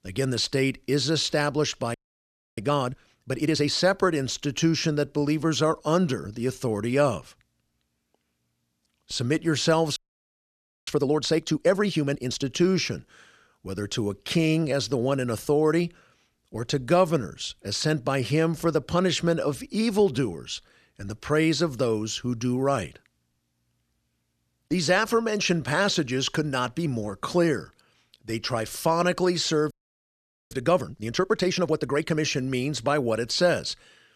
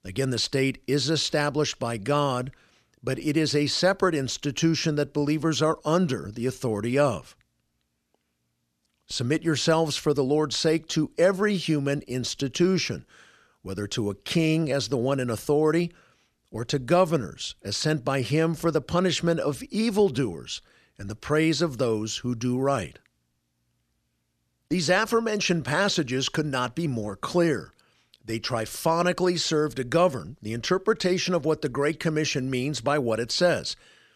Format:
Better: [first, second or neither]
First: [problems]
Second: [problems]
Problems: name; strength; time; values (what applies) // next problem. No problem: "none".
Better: second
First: audio freezing; at 2 s for 0.5 s, at 10 s for 1 s and at 30 s for 1 s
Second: none